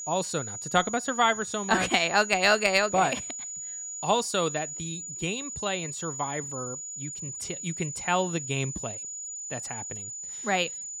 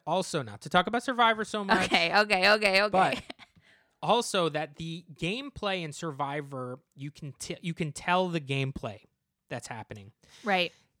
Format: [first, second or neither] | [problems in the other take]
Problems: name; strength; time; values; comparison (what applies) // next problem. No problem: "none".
second | high-pitched whine; loud; throughout; 7 kHz, 7 dB below the speech